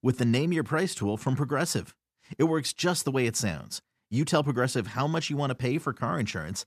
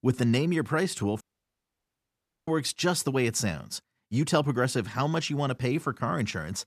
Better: first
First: none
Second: audio cutting out; at 1 s for 1.5 s

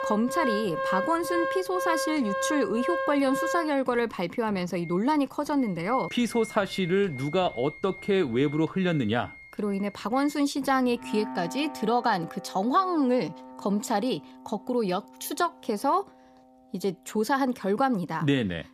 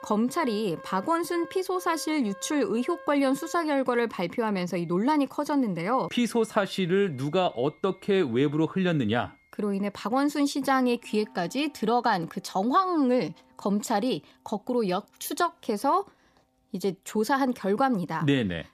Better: second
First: background music; loud; throughout; 7 dB below the speech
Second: background music; faint; throughout; 25 dB below the speech

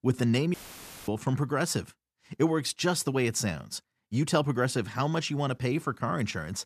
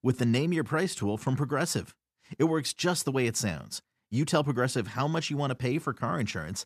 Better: second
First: audio cutting out; filled with static; at 0.5 s for 0.5 s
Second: none

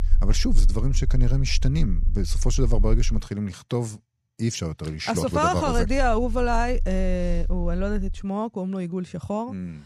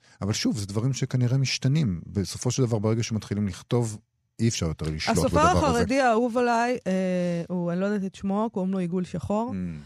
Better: second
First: low rumble; faint; until 3 s and from 5.5 to 8 s; 25 dB below the speech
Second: none

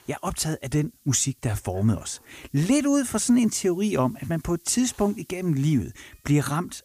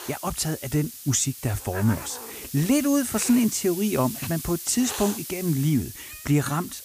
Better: first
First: hiss; faint; throughout; 30 dB below the speech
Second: hiss; loud; throughout; 10 dB below the speech

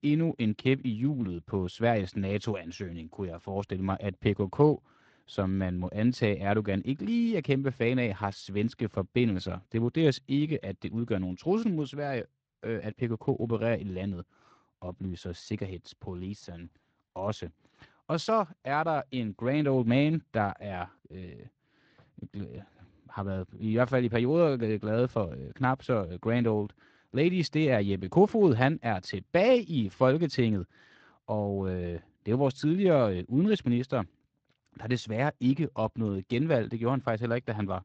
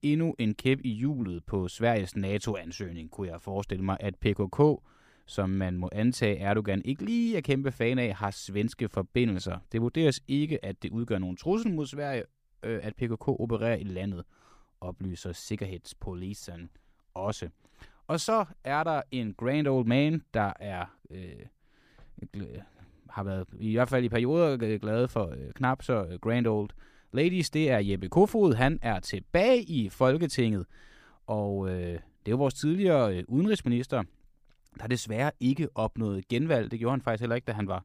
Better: second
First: garbled, watery; slightly; nothing above 7.5 kHz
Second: none

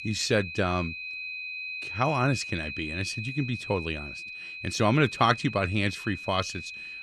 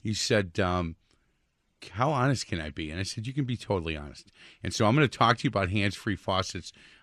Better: second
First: high-pitched whine; loud; throughout; 2.5 kHz, 8 dB below the speech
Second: none

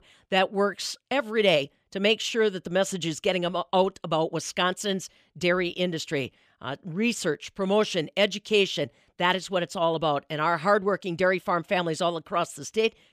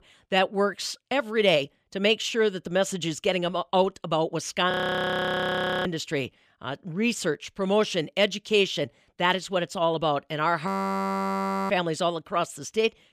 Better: first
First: none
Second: audio freezing; at 4.5 s for 1 s and at 11 s for 1 s

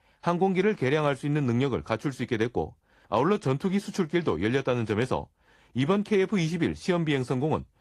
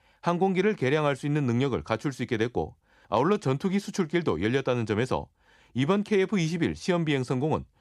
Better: second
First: garbled, watery; slightly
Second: none

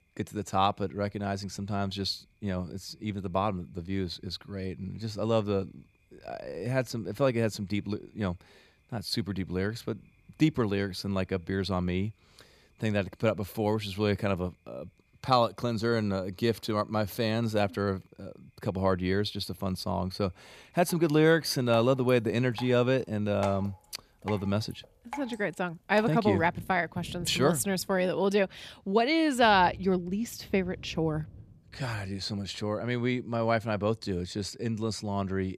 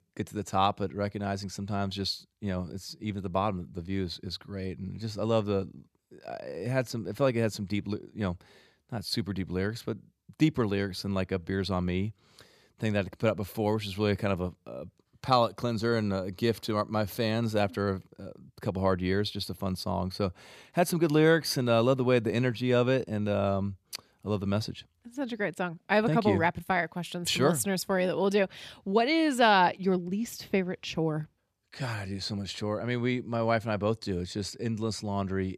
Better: second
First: rain or running water; noticeable; throughout; 20 dB below the speech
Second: none

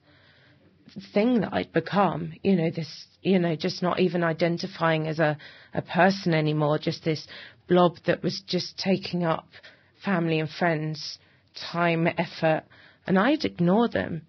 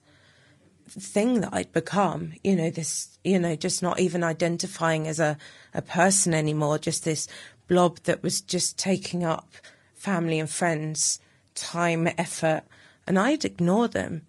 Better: second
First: garbled, watery; badly; nothing above 5.5 kHz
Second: garbled, watery; slightly; nothing above 10.5 kHz

